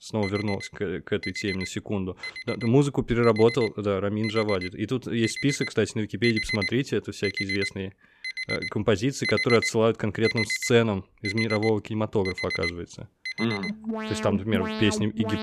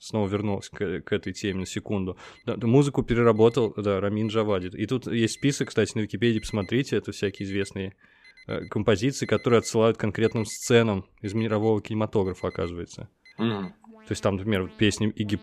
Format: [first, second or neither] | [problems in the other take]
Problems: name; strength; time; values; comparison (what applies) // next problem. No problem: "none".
second | alarms or sirens; loud; throughout; 5 dB below the speech; faint in the second